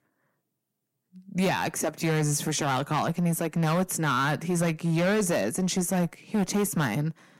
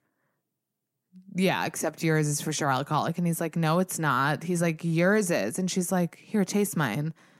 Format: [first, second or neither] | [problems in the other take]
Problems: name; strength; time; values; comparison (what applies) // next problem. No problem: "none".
second | distortion; slight; 9% of the sound clipped